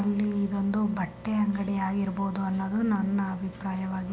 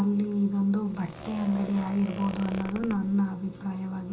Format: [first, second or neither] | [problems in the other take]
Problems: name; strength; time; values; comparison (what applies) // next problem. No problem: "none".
first | background sound (Zipper (clothing)); 15 dB below the speech // room echo; dies away in 0.2 s